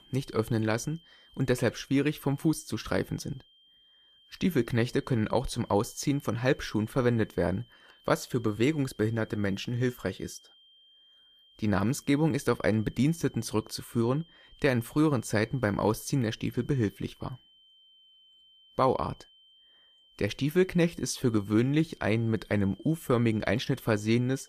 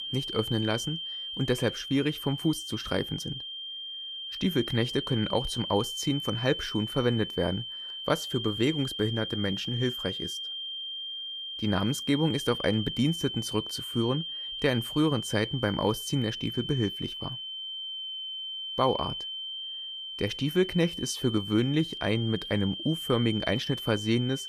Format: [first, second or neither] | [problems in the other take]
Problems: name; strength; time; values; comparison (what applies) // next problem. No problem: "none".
first | high-pitched whine; loud; throughout; 3 kHz, 5 dB below the speech; faint in the first